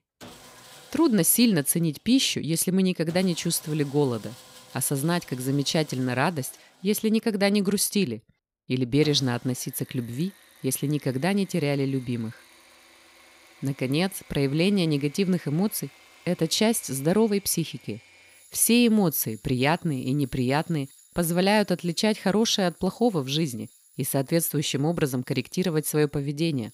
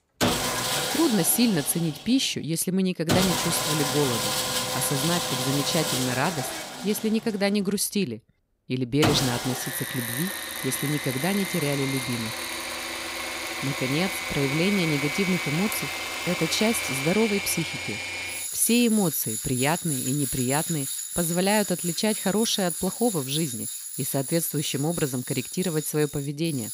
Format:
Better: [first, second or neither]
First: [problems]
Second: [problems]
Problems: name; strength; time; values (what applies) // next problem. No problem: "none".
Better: first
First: machinery noise; faint; throughout; 25 dB below the speech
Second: machinery noise; loud; throughout; 2 dB below the speech